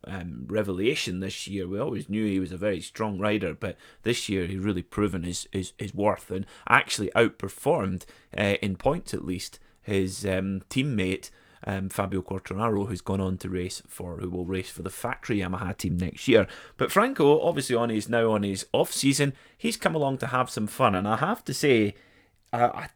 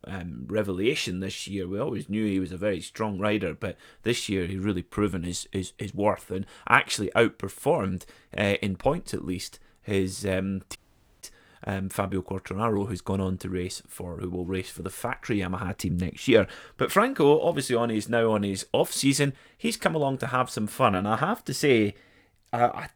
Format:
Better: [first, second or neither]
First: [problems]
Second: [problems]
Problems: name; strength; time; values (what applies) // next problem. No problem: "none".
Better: first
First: none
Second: audio cutting out; at 11 s